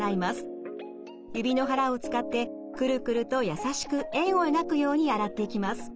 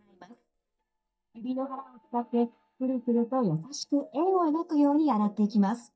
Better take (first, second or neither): first